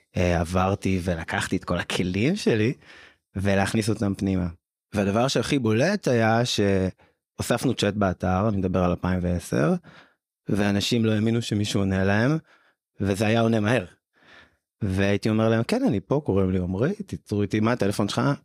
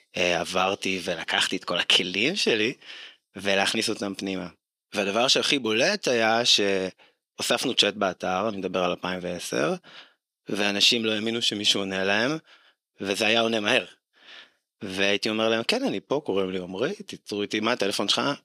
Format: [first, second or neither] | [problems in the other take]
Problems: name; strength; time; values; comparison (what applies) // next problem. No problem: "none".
first | thin; somewhat; fading below 300 Hz